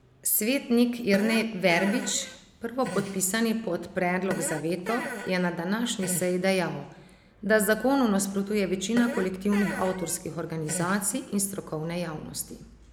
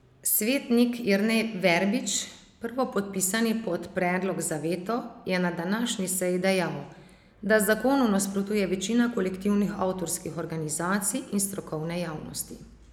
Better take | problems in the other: second | background sound (Fart); 12 dB below the speech

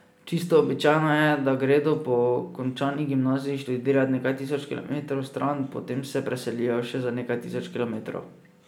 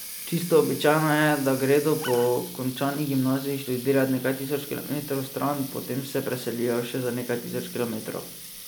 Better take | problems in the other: first | background sound (Animal + Water tap, faucet); 13 dB below the speech

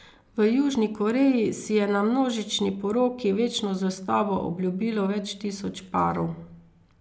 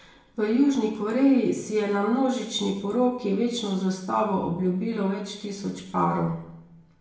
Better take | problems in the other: first | room echo; dies away in 0.8 s

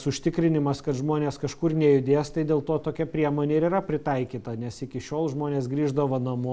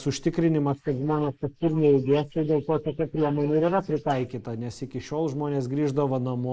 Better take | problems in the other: first | noise reduction (neural mask model Resemble Enhance denoiser)

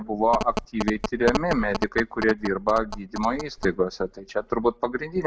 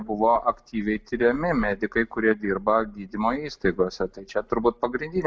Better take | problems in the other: second | background sound (Telephone); 7 dB below the speech

